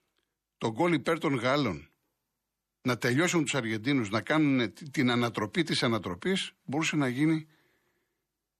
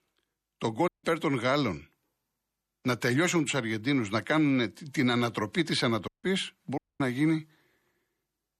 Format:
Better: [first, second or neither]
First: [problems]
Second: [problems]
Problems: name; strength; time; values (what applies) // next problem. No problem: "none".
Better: first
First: none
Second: audio cutting out; at 1 s, at 6 s and at 7 s